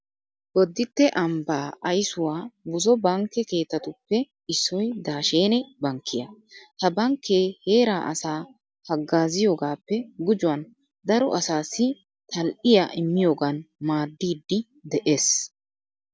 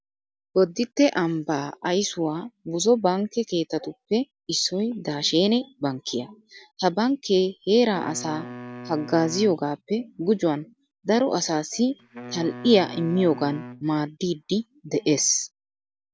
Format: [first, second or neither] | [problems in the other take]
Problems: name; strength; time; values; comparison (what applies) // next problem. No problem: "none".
first | background sound (Wind instrument, woodwind instrument); 16 dB below the speech